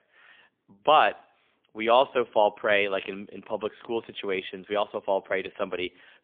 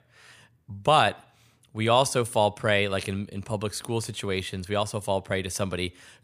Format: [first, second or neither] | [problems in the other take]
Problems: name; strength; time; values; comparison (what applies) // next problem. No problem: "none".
second | phone-call audio; poor line; nothing above 3.5 kHz